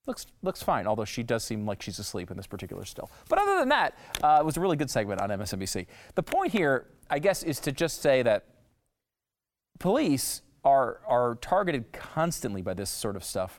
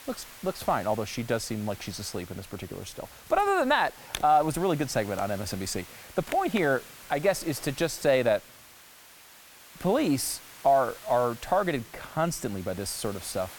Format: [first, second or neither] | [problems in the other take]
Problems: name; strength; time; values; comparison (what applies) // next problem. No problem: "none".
first | hiss; noticeable; throughout; 20 dB below the speech